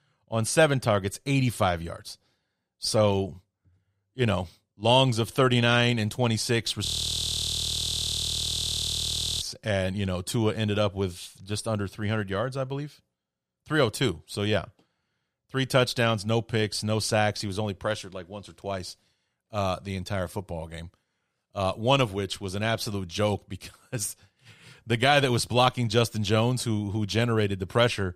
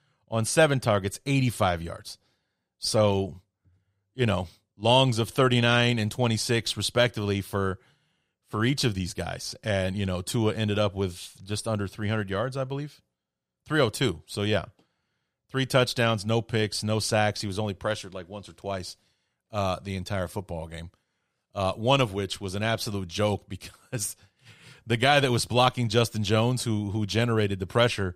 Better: second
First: audio freezing; at 7 s for 2.5 s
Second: none

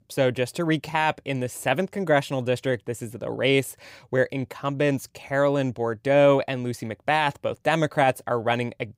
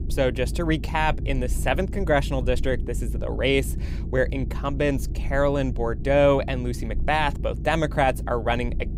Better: first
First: none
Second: low rumble; noticeable; throughout; 20 dB below the speech

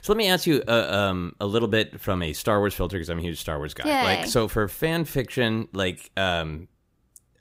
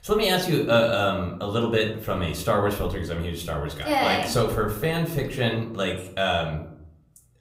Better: first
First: none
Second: room echo; slight; dies away in 0.5 s // off-mic speech; somewhat distant

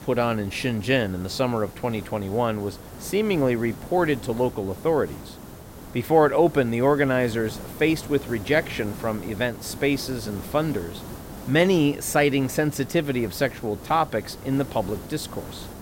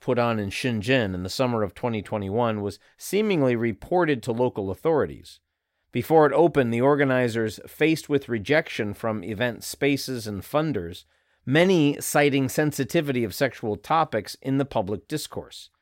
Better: second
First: hiss; noticeable; throughout; 15 dB below the speech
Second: none

